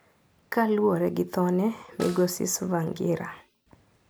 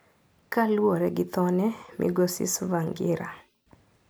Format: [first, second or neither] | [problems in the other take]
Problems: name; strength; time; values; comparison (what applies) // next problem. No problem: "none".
second | background sound (Snare drum); 19 dB below the speech